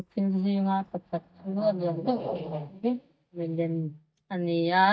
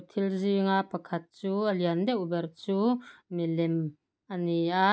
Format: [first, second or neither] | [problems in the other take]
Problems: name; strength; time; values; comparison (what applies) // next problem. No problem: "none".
second | noise reduction (neural mask model DeepFilterNet 3)